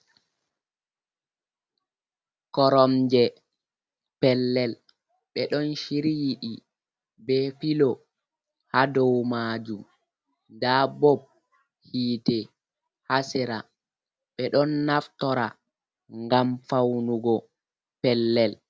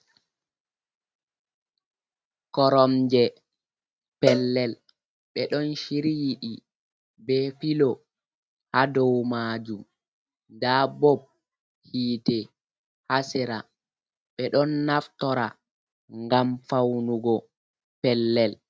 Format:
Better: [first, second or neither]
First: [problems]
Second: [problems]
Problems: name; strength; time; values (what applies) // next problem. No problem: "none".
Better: first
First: none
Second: noise reduction (neural mask model RNNoise)